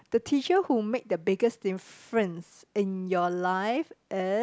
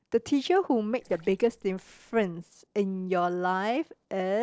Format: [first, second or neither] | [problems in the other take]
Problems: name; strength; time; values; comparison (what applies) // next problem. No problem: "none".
first | noise reduction (neural separator model SepFormer DNS4)